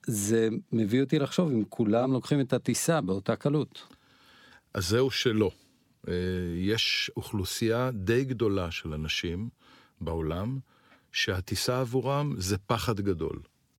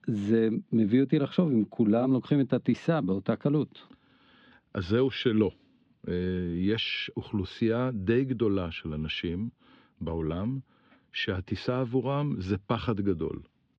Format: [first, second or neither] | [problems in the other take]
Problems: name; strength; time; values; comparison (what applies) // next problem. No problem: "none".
first | muffled; slightly; fading above 3.5 kHz